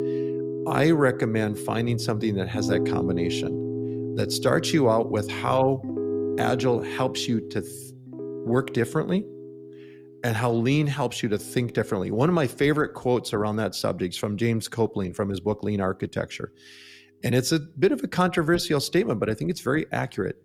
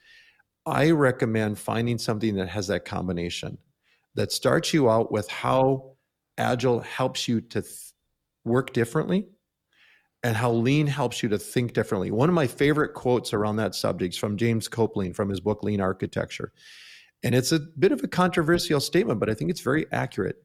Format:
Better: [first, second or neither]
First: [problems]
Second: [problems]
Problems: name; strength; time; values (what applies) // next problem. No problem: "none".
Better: second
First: background music; loud; throughout; 6 dB below the speech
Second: none